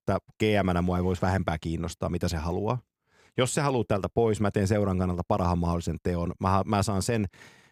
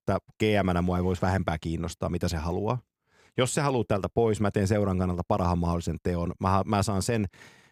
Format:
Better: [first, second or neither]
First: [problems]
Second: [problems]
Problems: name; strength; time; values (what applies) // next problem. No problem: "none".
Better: neither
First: none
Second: none